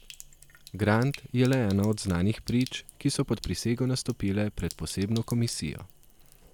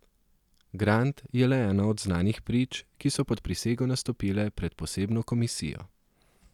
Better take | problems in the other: second | background sound (Sink (filling or washing)); 20 dB below the speech

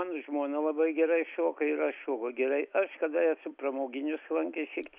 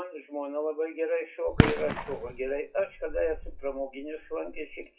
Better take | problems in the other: first | noise reduction (classical method WPE with log-MMSE)

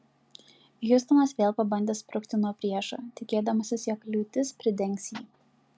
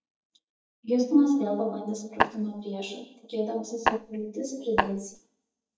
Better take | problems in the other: first | noise reduction (neural mask model DeepFilterNet 3)

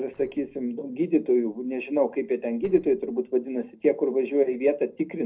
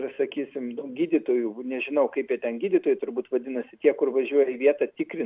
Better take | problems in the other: second | noise reduction (neural separator model SepFormer DNS4)

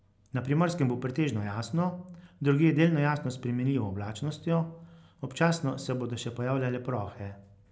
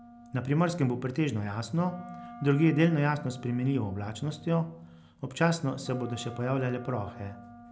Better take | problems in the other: first | background sound (Wind instrument, woodwind instrument); 19 dB below the speech

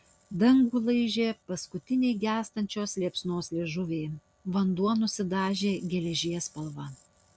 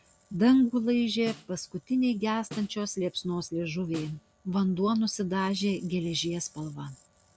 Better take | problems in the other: first | background sound (Snare drum); 20 dB below the speech

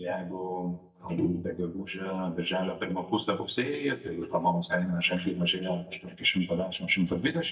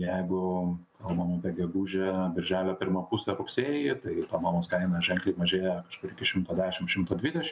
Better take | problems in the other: second | noise reduction (neural mask model DeepFilterNet 3)

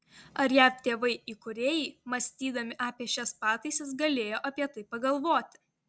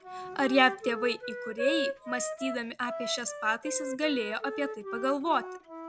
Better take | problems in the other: first | background sound (Wind instrument, woodwind instrument); 7 dB below the speech

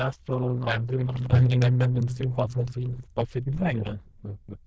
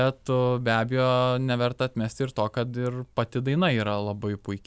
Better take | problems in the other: second | noise reduction (neural diffusion model UNIVERSE++)

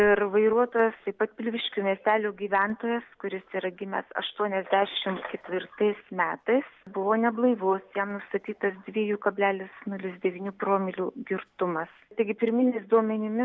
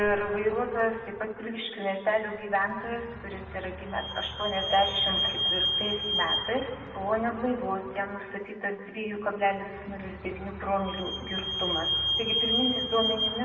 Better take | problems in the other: first | background sound (Squeak / Vehicle); 3 dB below the speech // room echo; dies away in 1.8 s

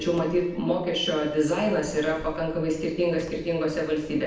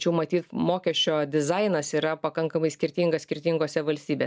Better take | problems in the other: second | background sound (Squeak); 18 dB below the speech // room echo; dies away in 0.9 s

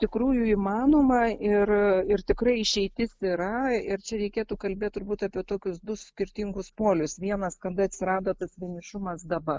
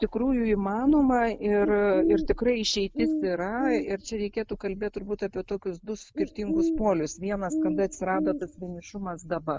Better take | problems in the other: first | background sound (Bird); 6 dB below the speech

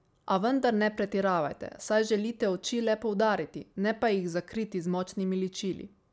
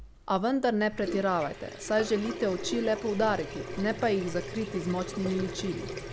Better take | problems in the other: first | background sound (Sink (filling or washing) / Water tap, faucet); 9 dB below the speech

